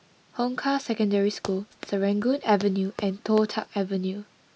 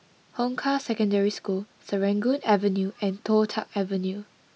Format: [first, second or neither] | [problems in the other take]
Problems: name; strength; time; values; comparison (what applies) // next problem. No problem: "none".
second | background sound (Run); 17 dB below the speech